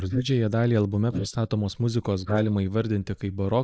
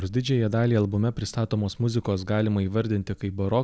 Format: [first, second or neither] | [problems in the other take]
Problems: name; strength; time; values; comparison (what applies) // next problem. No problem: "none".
second | noise reduction (neural mask model Resemble Enhance denoiser)